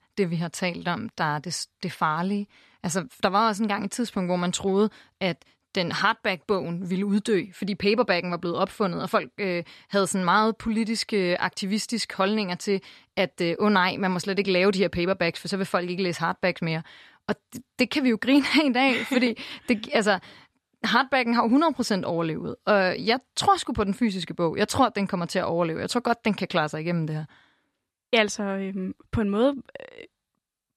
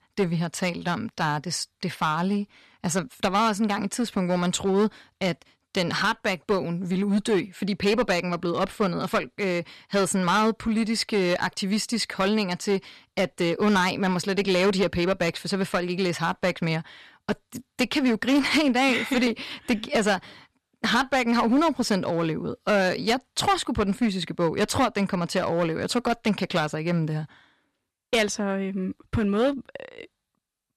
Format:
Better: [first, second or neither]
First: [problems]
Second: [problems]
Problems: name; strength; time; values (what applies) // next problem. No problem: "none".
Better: first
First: none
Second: distortion; slight; 6% of the sound clipped